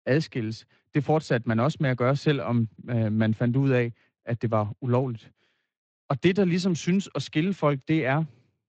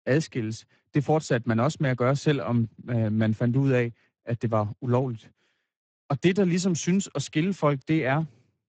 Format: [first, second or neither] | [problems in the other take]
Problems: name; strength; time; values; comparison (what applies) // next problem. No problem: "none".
first | garbled, watery; badly; nothing above 7.5 kHz; slightly in the first